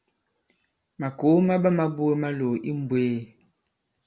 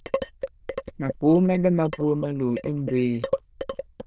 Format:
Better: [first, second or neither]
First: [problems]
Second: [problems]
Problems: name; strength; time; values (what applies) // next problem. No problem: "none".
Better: first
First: none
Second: noise reduction (neural diffusion model UNIVERSE++)